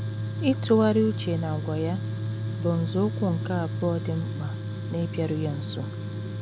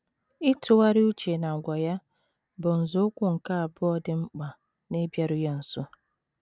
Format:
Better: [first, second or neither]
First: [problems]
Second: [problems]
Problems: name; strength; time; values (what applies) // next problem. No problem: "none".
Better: second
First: background sound (Tools); 3 dB below the speech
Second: none